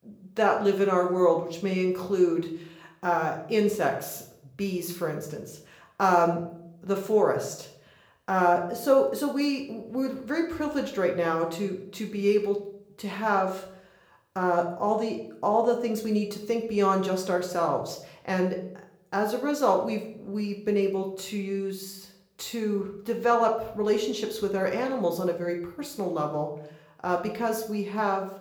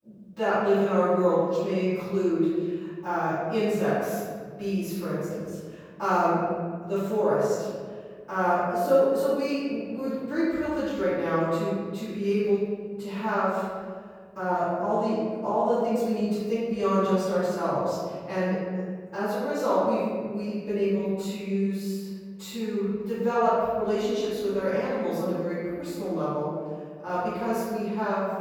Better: first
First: room echo; slight; dies away in 0.5 s // off-mic speech; somewhat distant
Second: room echo; strong; dies away in 1.7 s // off-mic speech; far

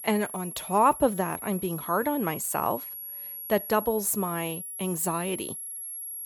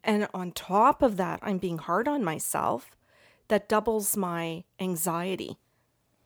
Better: second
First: high-pitched whine; loud; throughout; 11 kHz, 8 dB below the speech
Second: none

